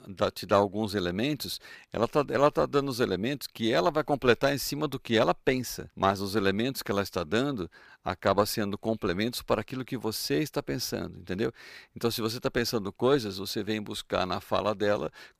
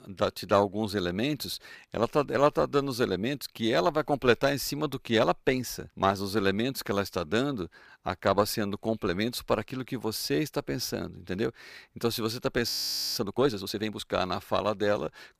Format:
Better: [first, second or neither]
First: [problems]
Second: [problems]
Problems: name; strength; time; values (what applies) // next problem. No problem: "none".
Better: first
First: none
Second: audio freezing; at 13 s